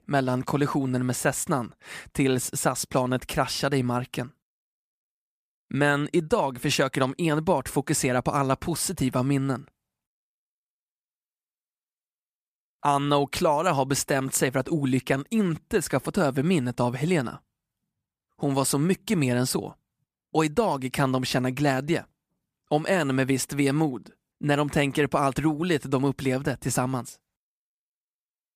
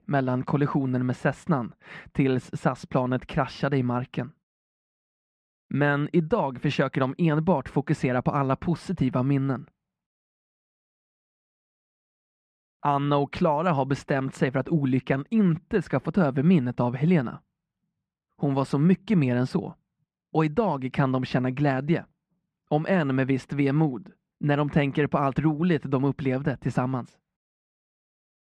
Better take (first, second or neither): first